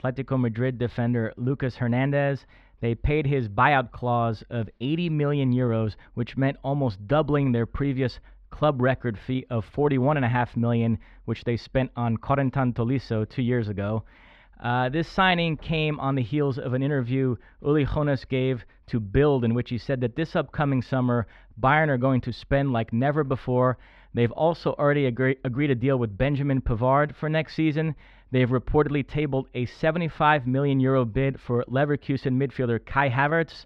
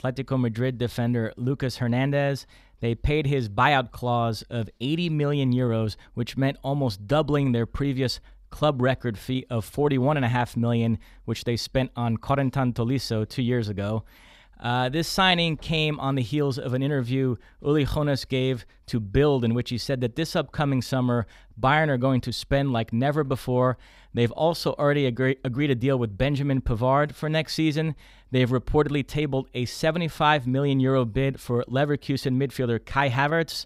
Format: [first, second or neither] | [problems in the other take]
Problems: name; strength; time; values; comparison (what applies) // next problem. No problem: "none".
second | muffled; slightly; fading above 2 kHz